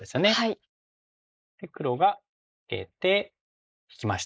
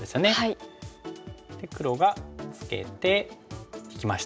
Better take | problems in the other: second | noise reduction (neural mask model Resemble Enhance denoiser)

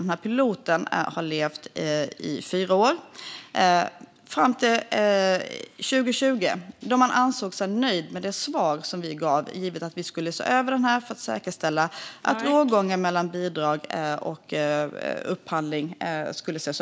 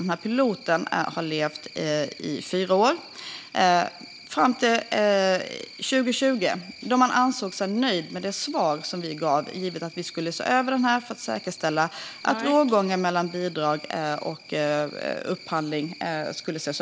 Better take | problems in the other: first | background sound (Cricket); 20 dB below the speech

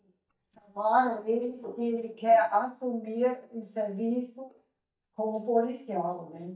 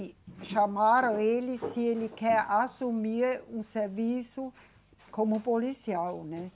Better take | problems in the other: second | noise reduction (neural mask model DeepFilterNet 3)

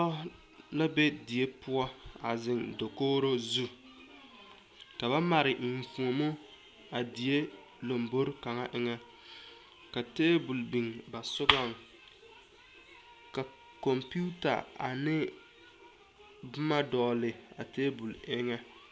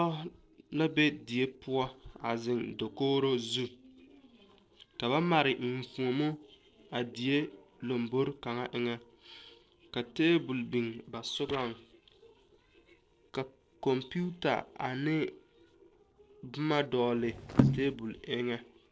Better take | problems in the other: first | noise reduction (neural separator model SepFormer DNS4)

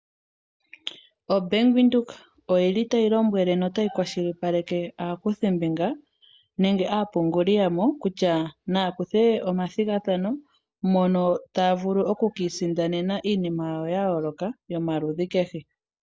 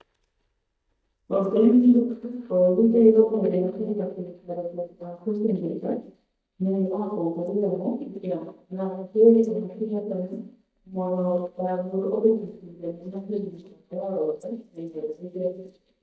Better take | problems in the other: first | noise reduction (neural mask model DeepFilterNet 3)

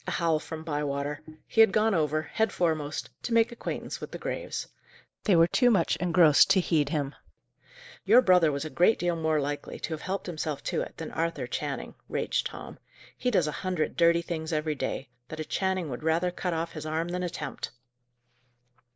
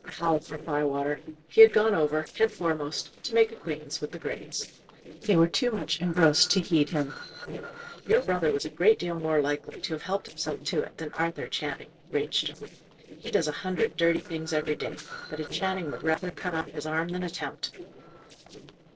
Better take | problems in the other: first | noise reduction (neural separator model SepFormer DNS4)

